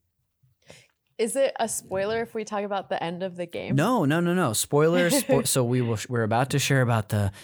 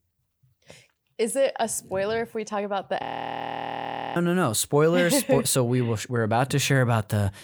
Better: first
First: none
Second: audio freezing; at 3 s for 1 s

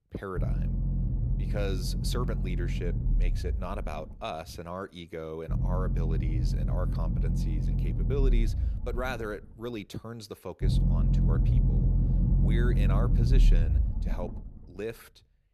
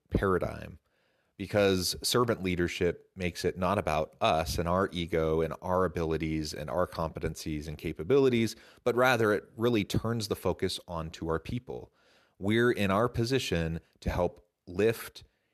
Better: second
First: low rumble; loud; throughout; 4 dB below the speech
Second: none

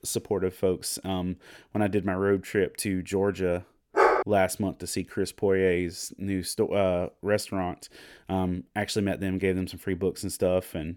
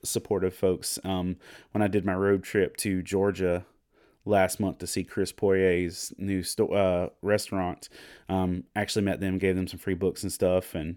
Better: second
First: dog barking; loud; at 4 s; peak 6 dB above the speech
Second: none

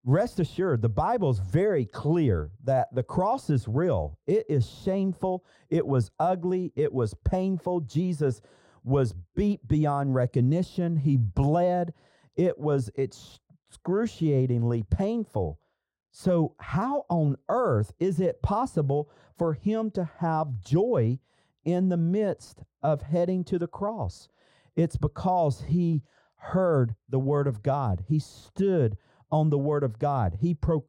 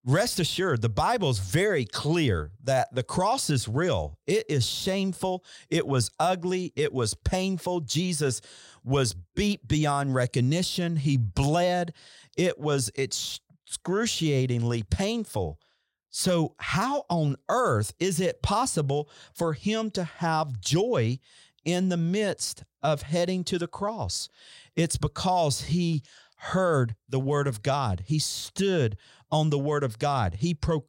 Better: second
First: muffled; very; fading above 1.5 kHz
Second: none

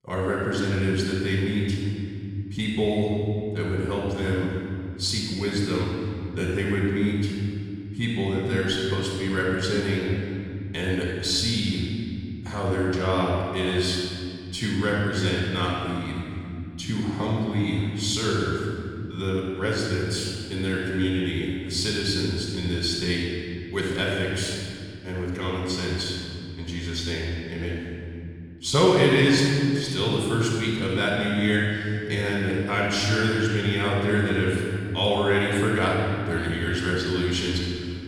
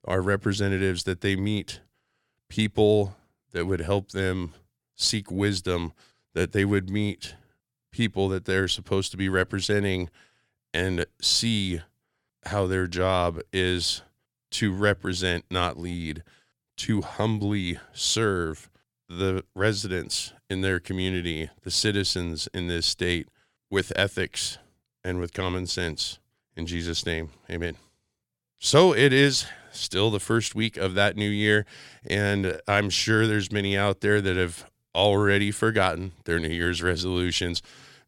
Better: second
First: off-mic speech; far // room echo; strong; dies away in 3 s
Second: none

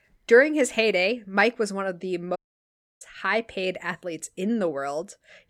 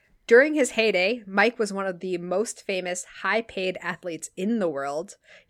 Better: second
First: audio cutting out; at 2.5 s for 0.5 s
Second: none

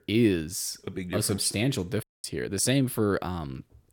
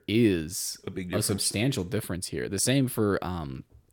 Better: second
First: audio cutting out; at 2 s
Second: none

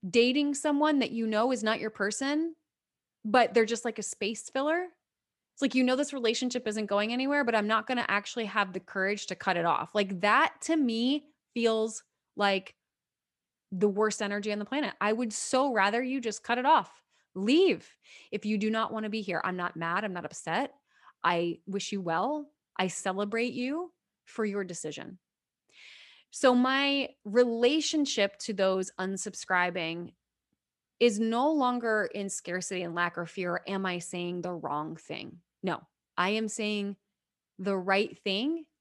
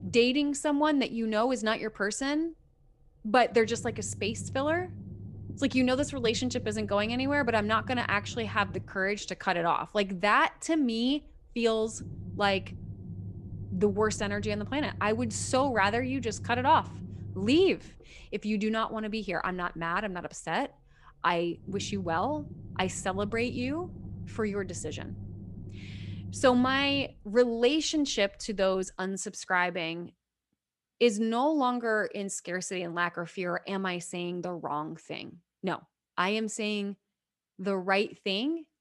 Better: first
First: none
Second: low rumble; faint; until 29 s; 25 dB below the speech

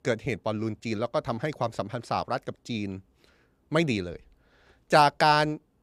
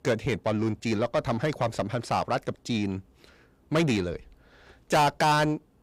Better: first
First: none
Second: distortion; heavy; 7 dB below the speech

